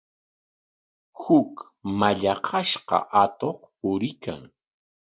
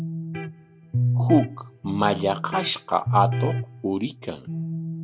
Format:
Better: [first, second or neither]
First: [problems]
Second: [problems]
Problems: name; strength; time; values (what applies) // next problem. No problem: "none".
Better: first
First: none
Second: background sound (Electric guitar); 2 dB below the speech